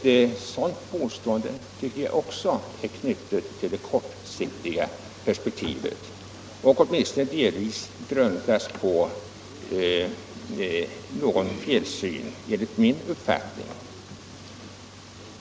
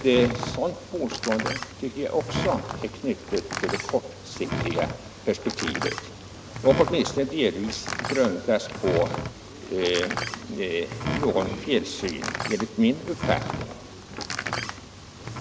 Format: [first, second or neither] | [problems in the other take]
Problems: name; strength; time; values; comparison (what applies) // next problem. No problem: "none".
first | background sound (Door); 6 dB below the speech